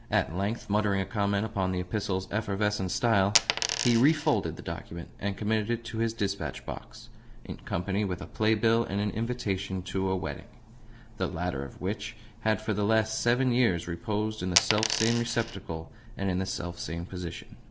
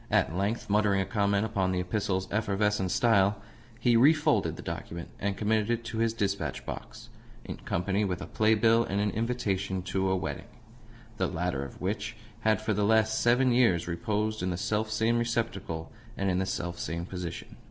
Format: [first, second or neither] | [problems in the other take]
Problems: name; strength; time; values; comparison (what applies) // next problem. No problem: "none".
second | background sound (Coin (dropping)); 1 dB below the speech